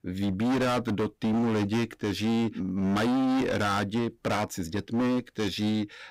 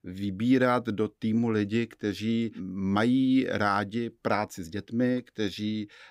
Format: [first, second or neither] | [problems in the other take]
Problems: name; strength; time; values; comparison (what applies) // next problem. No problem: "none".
second | distortion; heavy; 31% of the sound clipped